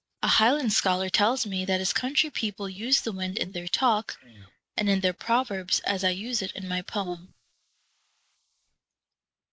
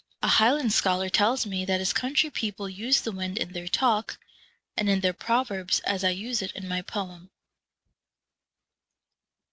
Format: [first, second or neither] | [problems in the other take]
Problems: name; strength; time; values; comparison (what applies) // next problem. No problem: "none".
second | noise reduction (neural mask model Resemble Enhance denoiser)